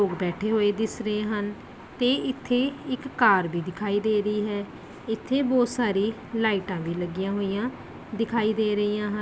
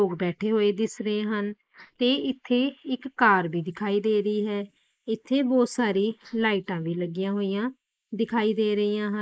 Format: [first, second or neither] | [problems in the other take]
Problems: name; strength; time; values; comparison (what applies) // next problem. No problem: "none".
first | noise reduction (neural mask model Resemble Enhance denoiser)